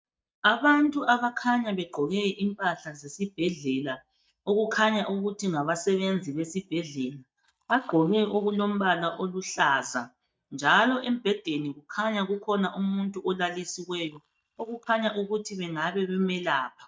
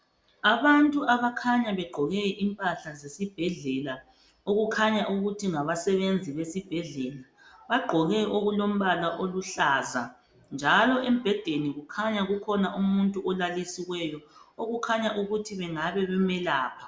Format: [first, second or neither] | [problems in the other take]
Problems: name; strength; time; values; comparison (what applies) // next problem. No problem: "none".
second | noise reduction (neural mask model DeepFilterNet 3)